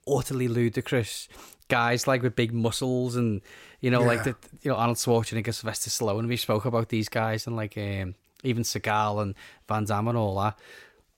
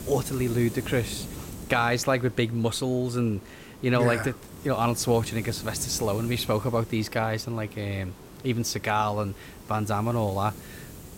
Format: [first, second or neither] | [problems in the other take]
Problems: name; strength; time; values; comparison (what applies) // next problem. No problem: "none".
first | hiss; noticeable; throughout; 15 dB below the speech